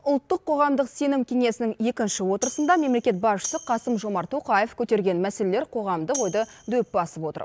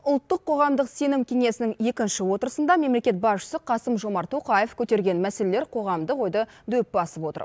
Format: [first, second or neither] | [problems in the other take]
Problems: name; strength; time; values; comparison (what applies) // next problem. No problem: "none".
second | background sound (Tambourine); 14 dB below the speech